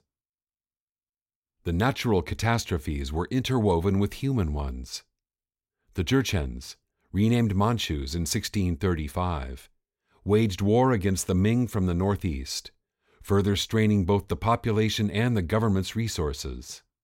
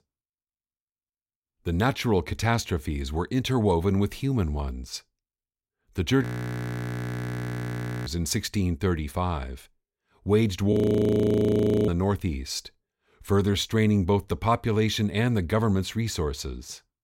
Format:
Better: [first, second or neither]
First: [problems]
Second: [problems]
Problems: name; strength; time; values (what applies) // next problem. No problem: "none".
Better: first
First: none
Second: audio freezing; at 6 s for 2 s and at 11 s for 1 s